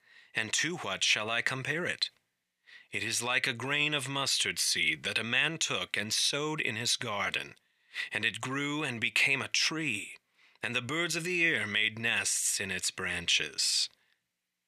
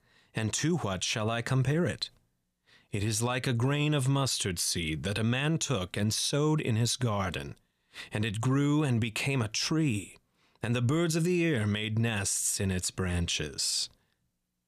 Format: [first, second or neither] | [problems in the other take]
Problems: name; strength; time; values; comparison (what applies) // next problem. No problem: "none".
second | thin; somewhat; fading below 550 Hz